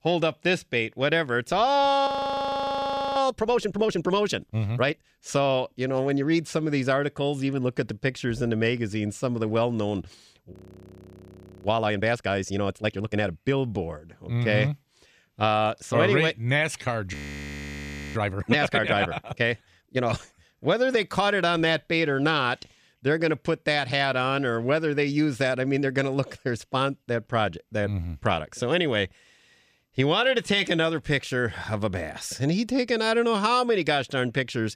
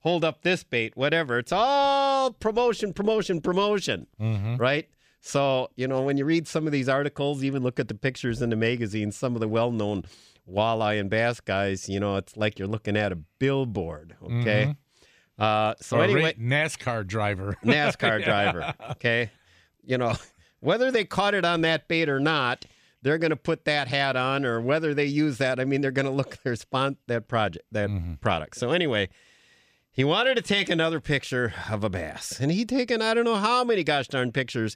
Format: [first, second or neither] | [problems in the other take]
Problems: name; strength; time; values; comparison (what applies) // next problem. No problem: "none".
second | audio freezing; at 2 s for 1 s, at 11 s for 1 s and at 17 s for 1 s